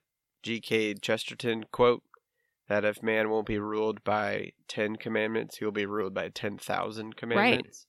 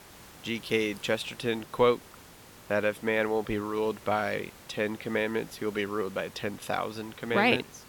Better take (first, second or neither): first